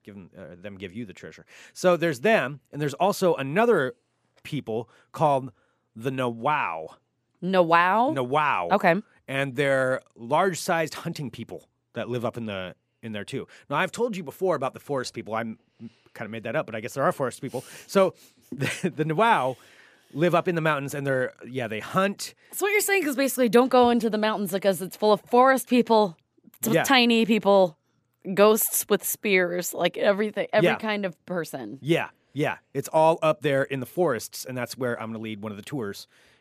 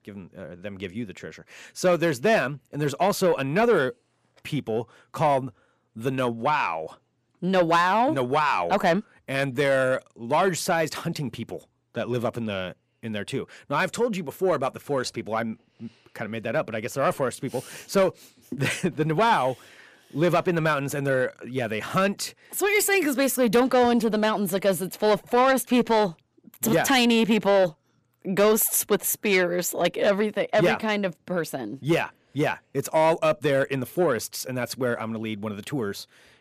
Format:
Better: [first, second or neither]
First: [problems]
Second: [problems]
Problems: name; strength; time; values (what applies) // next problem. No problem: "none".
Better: first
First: none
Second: distortion; slight; 10 dB below the speech